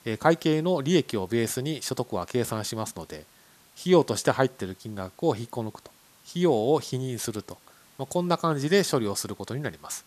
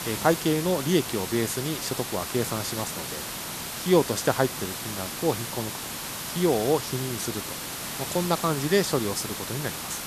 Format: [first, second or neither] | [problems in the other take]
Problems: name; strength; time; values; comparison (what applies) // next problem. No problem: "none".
first | hiss; loud; throughout; 5 dB below the speech; faint in the first